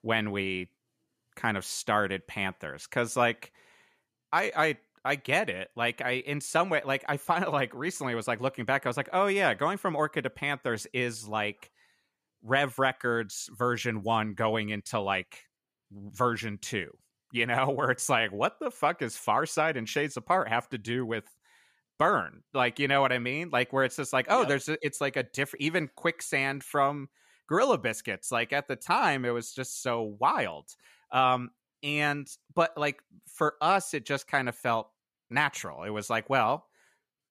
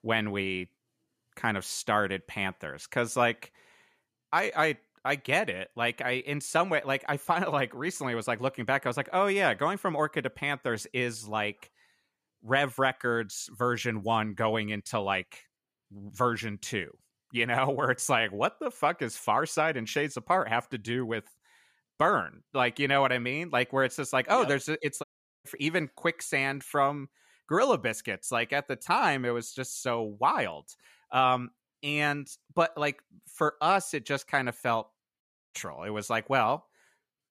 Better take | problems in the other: first | audio cutting out; at 25 s and at 35 s

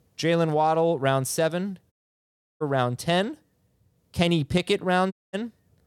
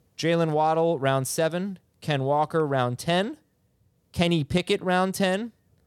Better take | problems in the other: second | audio cutting out; at 2 s for 0.5 s and at 5 s

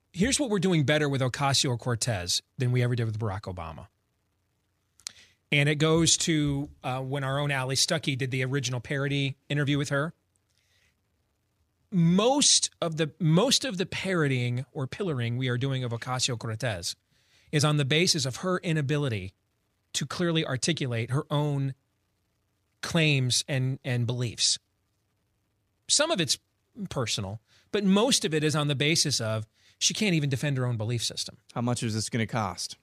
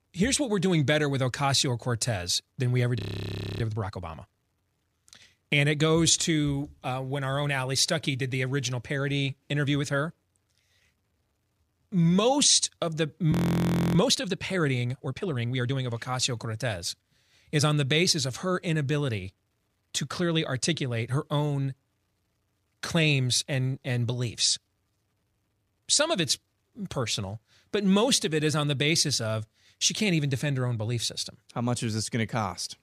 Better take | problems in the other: first | audio freezing; at 3 s for 0.5 s and at 13 s for 0.5 s

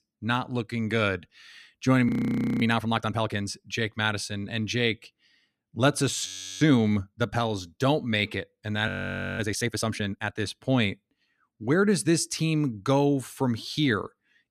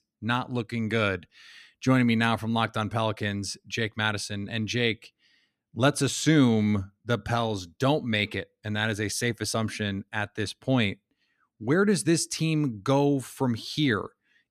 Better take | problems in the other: second | audio freezing; at 2 s for 0.5 s, at 6.5 s and at 9 s for 0.5 s

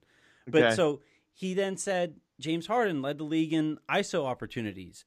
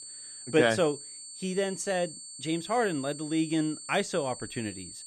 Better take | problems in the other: first | high-pitched whine; noticeable; throughout; 8.5 kHz, 10 dB below the speech

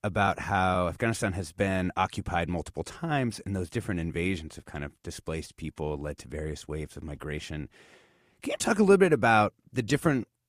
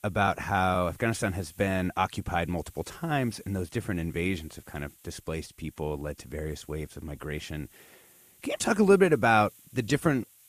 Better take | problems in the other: first | hiss; faint; throughout; 25 dB below the speech

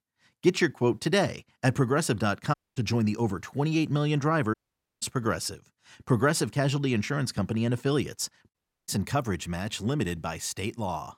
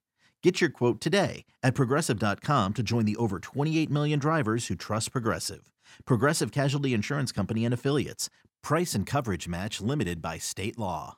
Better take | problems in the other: second | audio cutting out; at 2.5 s, at 4.5 s and at 8.5 s

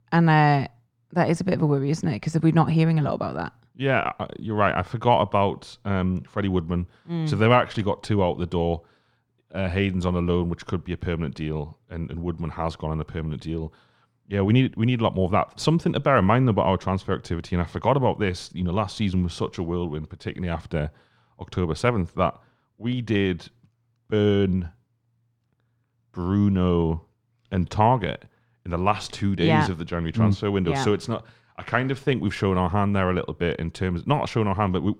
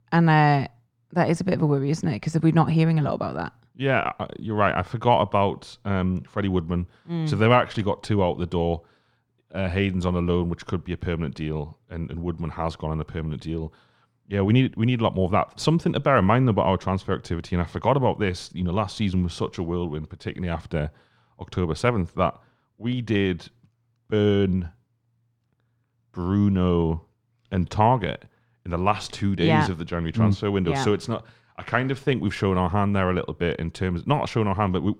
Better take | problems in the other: neither | muffled; slightly; fading above 3 kHz; the same in both

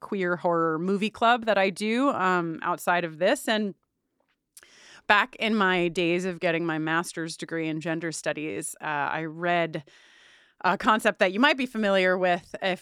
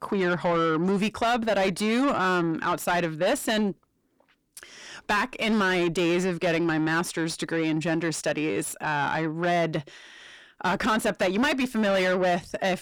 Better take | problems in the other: first | distortion; heavy; 6 dB below the speech

